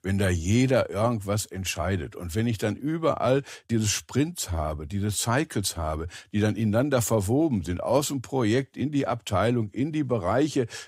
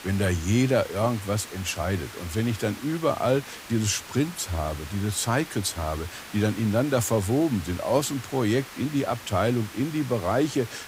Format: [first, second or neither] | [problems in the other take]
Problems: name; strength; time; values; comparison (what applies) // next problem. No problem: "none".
first | hiss; noticeable; throughout; 15 dB below the speech